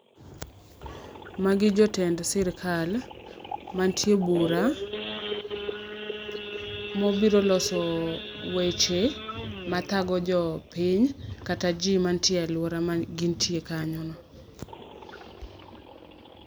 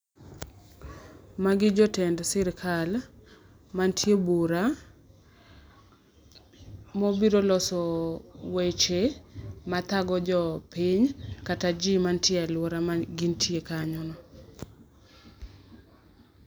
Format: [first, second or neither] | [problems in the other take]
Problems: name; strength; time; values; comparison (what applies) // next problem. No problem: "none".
second | background sound (Idling / Sawing / Accelerating, revving, vroom); 11 dB below the speech